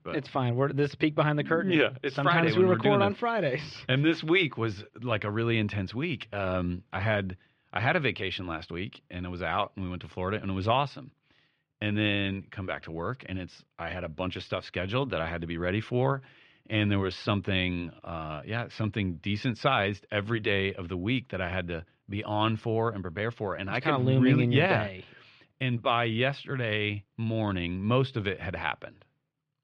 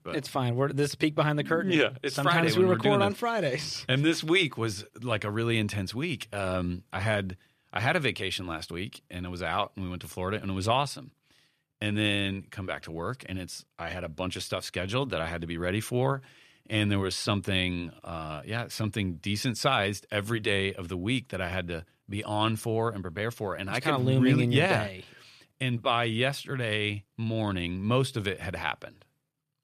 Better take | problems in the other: second | muffled; slightly; fading above 3.5 kHz

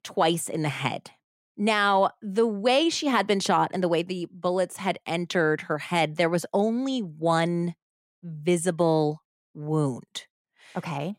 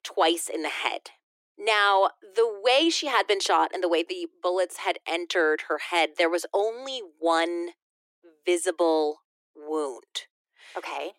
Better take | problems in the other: first | thin; very; fading below 300 Hz

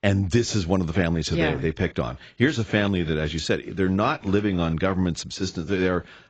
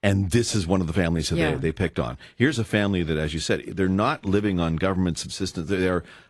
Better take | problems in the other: second | garbled, watery; badly; nothing above 7.5 kHz; slightly in the second

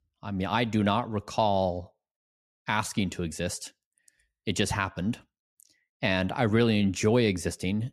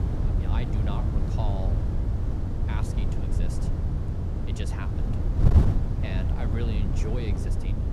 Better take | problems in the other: first | wind noise on the microphone; heavy; 2 dB above the speech

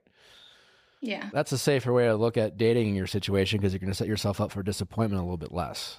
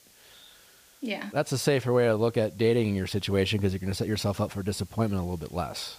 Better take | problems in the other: first | hiss; faint; throughout; 25 dB below the speech

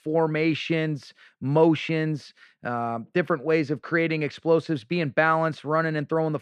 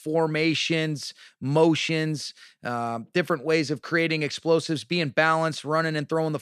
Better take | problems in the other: second | muffled; slightly; fading above 3.5 kHz

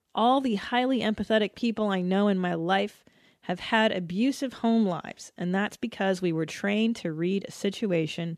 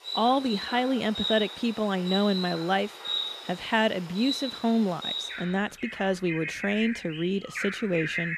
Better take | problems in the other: first | animal sounds; loud; throughout; 6 dB below the speech

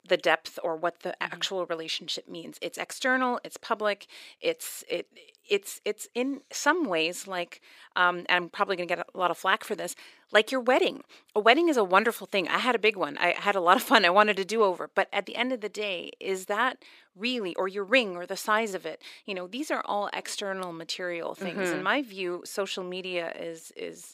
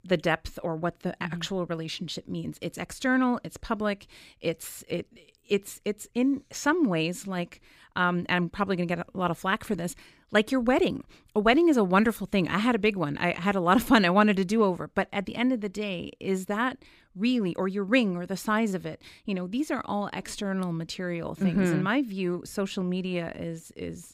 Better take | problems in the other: second | thin; somewhat; fading below 500 Hz

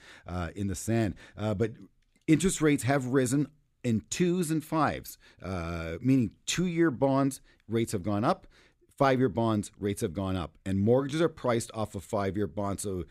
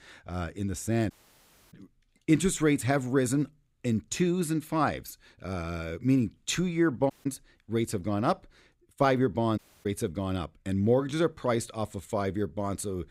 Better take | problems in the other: first | audio cutting out; at 1 s for 0.5 s, at 7 s and at 9.5 s

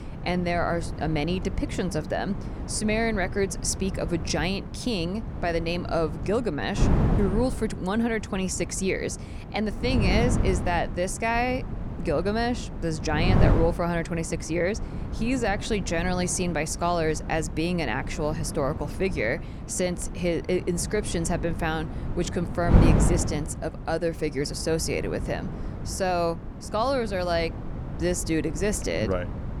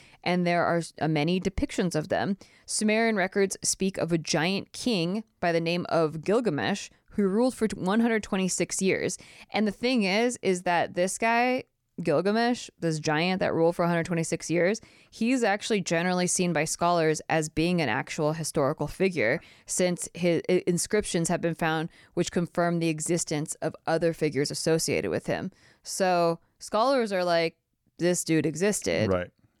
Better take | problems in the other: second | wind noise on the microphone; occasional gusts; 10 dB below the speech

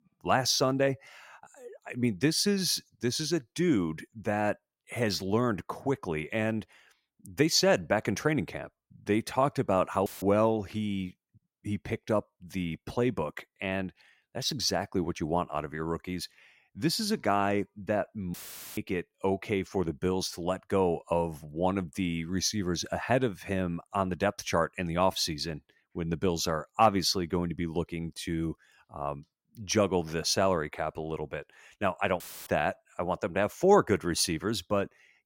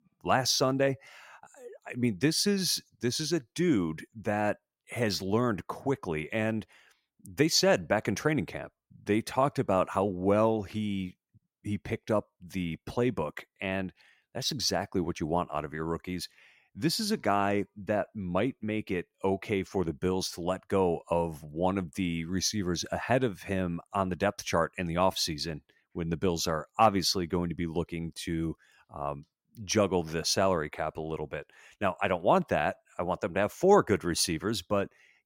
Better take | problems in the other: second | audio cutting out; filled with static; at 10 s, at 18 s and at 32 s

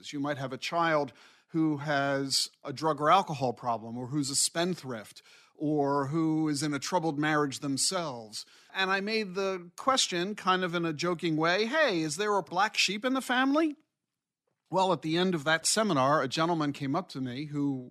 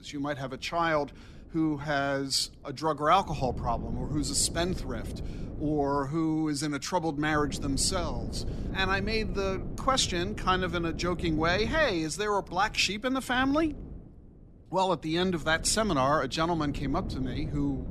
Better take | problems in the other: first | wind noise on the microphone; occasional gusts; 20 dB below the speech

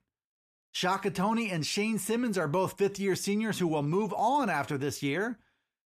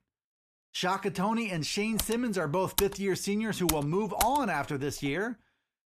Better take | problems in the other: first | keyboard typing; noticeable; from 2 to 4.5 s; peak 2 dB below the speech

